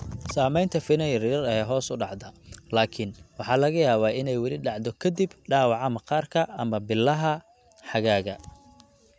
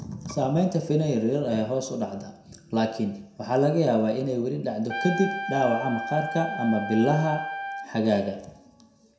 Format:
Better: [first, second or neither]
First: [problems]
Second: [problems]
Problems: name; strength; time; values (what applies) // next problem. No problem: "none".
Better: first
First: none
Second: background sound (Trumpet); 7 dB below the speech // room echo; dies away in 0.6 s